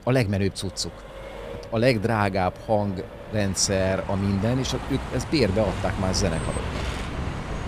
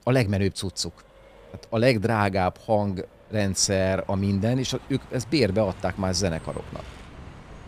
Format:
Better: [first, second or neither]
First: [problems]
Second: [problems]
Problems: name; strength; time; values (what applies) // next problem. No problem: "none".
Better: second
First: traffic noise; loud; throughout; 9 dB below the speech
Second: traffic noise; faint; throughout; 20 dB below the speech